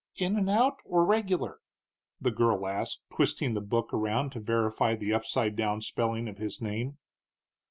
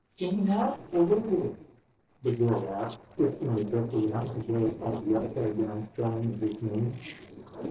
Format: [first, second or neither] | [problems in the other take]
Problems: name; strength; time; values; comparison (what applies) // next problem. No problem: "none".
first | noise reduction (neural separator model SepFormer DNS4)